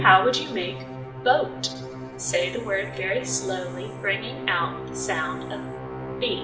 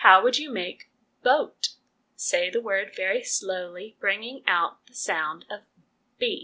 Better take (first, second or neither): second